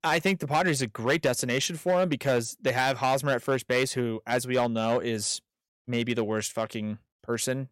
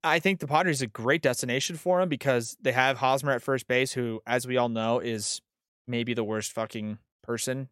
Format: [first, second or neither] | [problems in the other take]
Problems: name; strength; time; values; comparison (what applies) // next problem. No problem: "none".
second | distortion; slight; 4% of the sound clipped